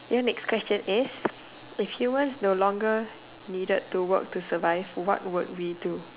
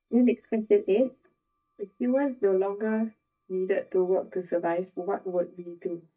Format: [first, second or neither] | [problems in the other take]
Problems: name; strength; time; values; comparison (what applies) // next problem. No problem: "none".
first | noise reduction (neural mask model DeepFilterNet 3)